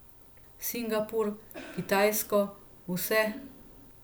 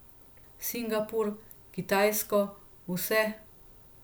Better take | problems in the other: second | background sound (Cough); 18 dB below the speech

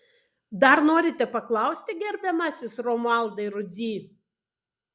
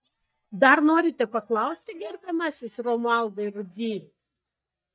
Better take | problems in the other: first | noise reduction (neural mask model DeepFilterNet 3)

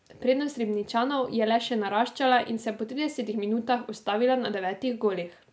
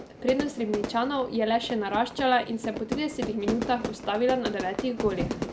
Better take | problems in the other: first | background sound (Fire / Fireworks); 7 dB below the speech

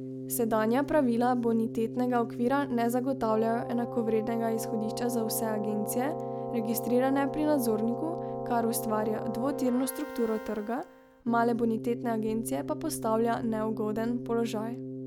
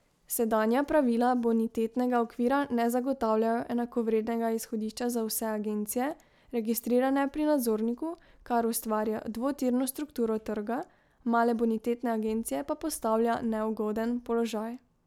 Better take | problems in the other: second | background sound (Keyboard (musical)); 7 dB below the speech

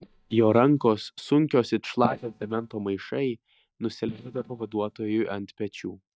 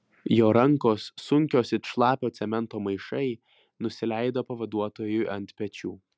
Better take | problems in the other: second | noise reduction (neural mask model DeepFilterNet 3)

